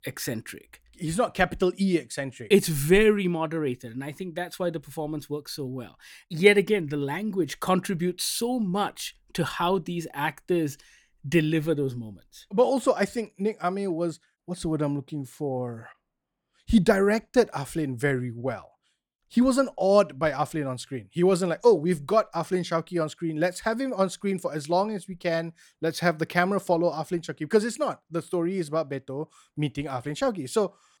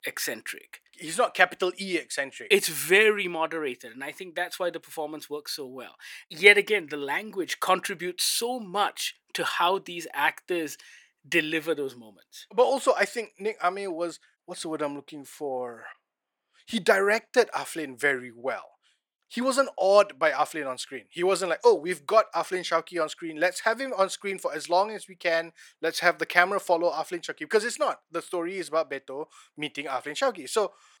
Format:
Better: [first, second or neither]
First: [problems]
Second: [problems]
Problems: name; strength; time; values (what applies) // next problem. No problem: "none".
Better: first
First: none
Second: thin; somewhat; fading below 500 Hz